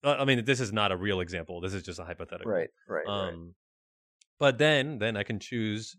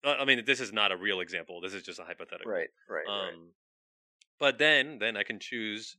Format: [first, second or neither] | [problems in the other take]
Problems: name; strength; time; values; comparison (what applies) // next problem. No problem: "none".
first | thin; somewhat; fading below 300 Hz